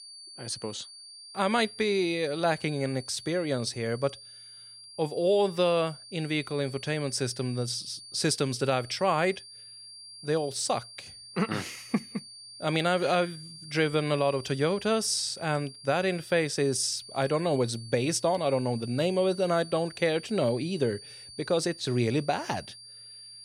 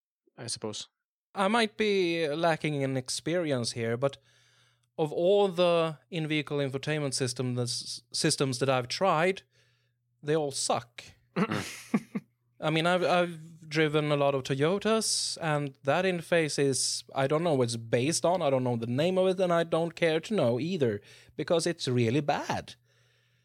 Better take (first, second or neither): second